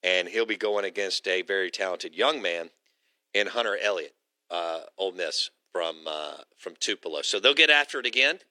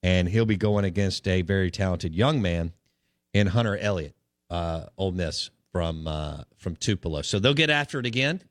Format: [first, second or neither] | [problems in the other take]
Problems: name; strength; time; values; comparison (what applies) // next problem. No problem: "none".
second | thin; very; fading below 350 Hz